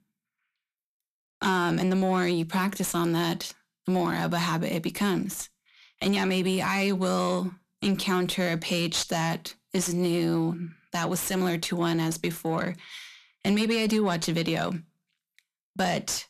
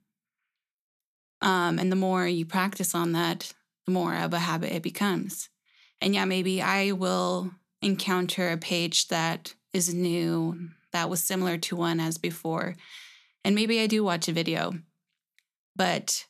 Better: second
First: distortion; slight; 10 dB below the speech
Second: none

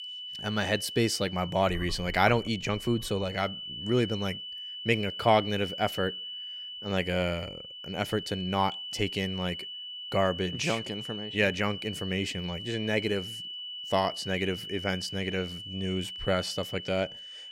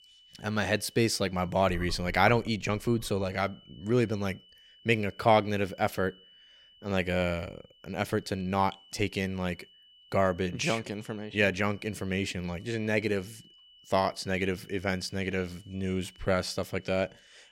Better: second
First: high-pitched whine; loud; throughout; 3 kHz, 8 dB below the speech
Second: high-pitched whine; faint; throughout; 3 kHz, 25 dB below the speech

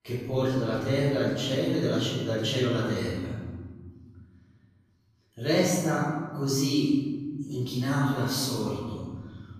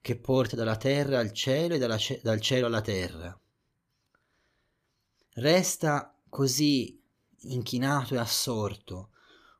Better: second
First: off-mic speech; far // room echo; strong; dies away in 1.8 s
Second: none

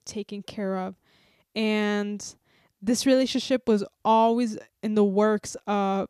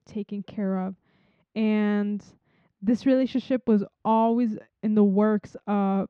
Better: first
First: none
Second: muffled; slightly; fading above 2.5 kHz

